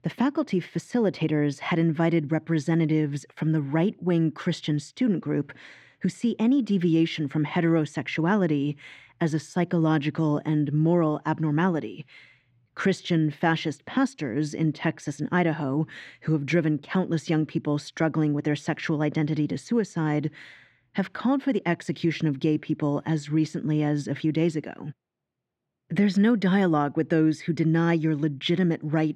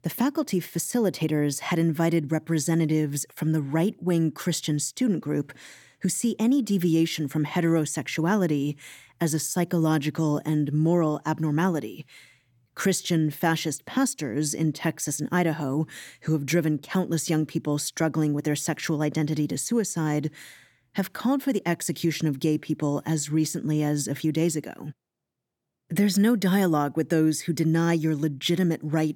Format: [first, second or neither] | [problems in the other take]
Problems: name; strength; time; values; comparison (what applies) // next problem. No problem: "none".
second | muffled; slightly; fading above 3 kHz